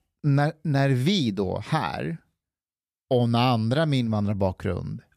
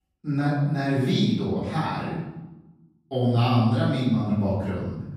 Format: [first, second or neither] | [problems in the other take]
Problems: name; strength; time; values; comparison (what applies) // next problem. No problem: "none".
first | off-mic speech; far // room echo; noticeable; dies away in 1 s